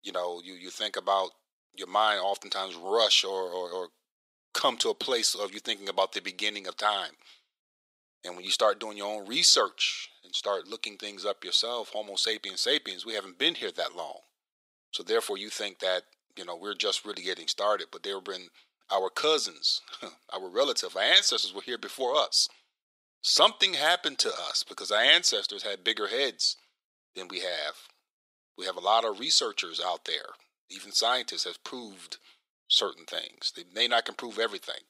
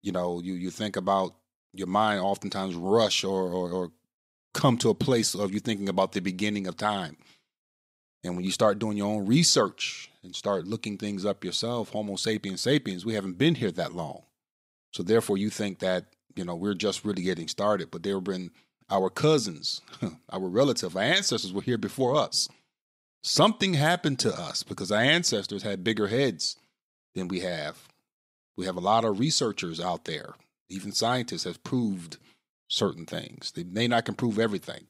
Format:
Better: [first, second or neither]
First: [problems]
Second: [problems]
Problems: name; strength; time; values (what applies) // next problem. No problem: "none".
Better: second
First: thin; very; fading below 450 Hz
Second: none